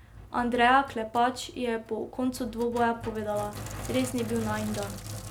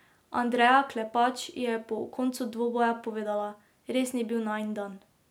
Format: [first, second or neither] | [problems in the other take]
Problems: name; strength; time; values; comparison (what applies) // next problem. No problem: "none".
second | background sound (Sink (filling or washing)); 12 dB below the speech